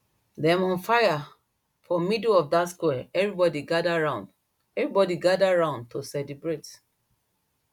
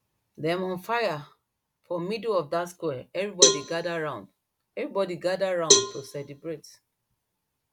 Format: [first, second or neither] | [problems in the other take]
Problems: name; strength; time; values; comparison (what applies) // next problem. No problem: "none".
first | background sound (Cowbell); 3 dB above the speech